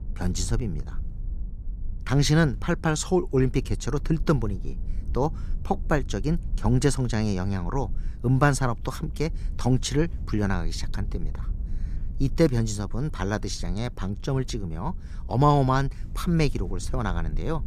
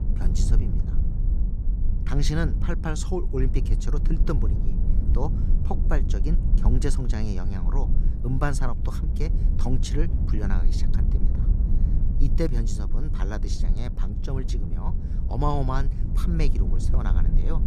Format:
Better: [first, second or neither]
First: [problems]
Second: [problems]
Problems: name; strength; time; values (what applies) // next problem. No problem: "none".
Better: first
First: low rumble; faint; throughout; 25 dB below the speech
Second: low rumble; loud; throughout; 8 dB below the speech